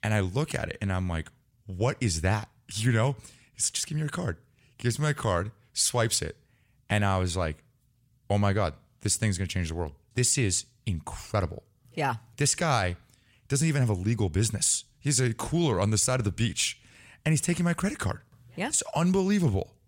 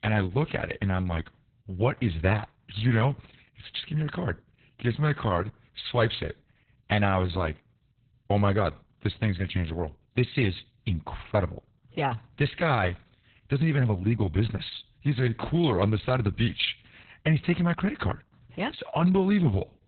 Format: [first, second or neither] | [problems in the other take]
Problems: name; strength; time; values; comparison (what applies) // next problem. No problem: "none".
first | garbled, watery; badly; nothing above 4 kHz